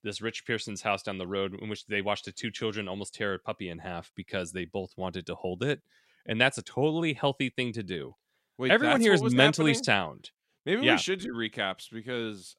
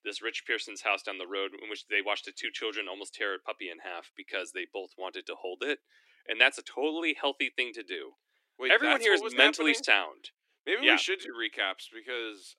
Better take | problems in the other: first | thin; somewhat; fading below 300 Hz

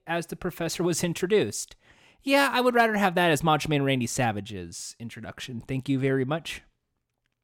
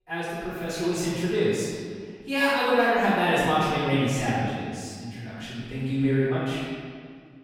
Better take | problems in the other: first | off-mic speech; far // room echo; strong; dies away in 1.8 s

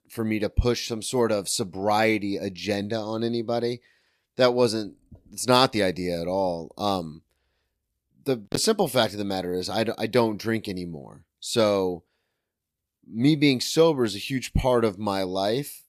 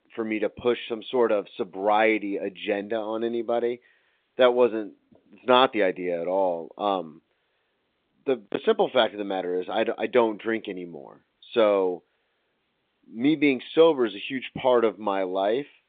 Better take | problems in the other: first | phone-call audio; nothing above 3.5 kHz

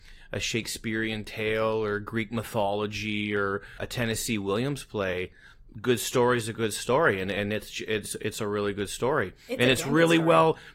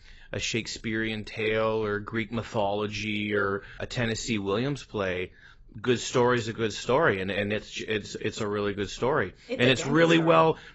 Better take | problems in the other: first | garbled, watery; badly; nothing above 7.5 kHz; slightly in the first

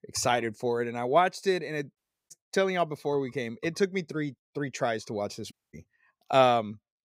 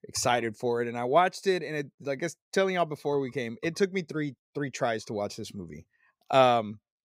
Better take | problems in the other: second | audio cutting out; at 2 s and at 5.5 s

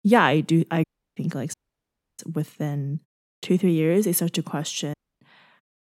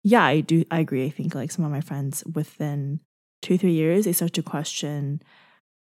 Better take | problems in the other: second | audio cutting out; at 1 s, at 1.5 s for 0.5 s and at 5 s

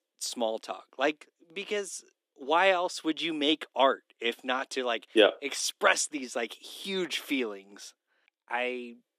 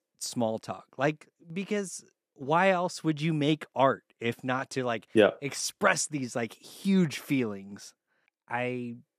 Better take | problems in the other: second | thin; somewhat; fading below 300 Hz

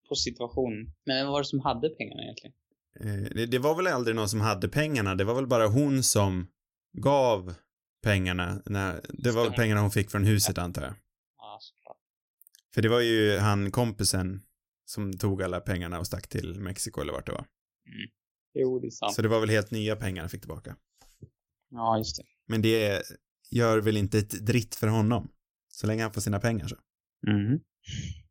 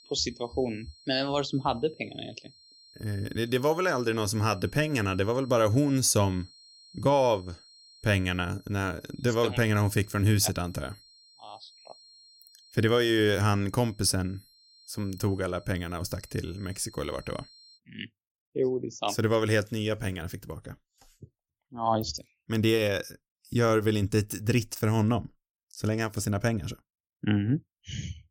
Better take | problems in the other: first | high-pitched whine; faint; until 18 s; 4 kHz, 25 dB below the speech

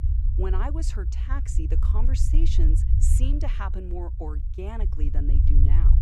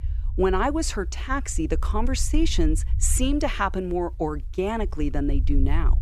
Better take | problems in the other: second | low rumble; loud; throughout; 5 dB below the speech; faint in the second

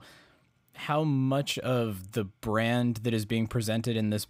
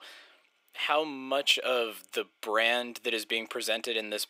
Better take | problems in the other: first | thin; very; fading below 400 Hz

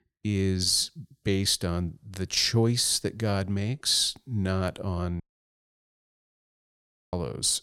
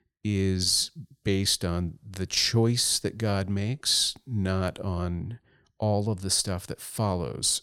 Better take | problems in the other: second | audio cutting out; at 5 s for 2 s

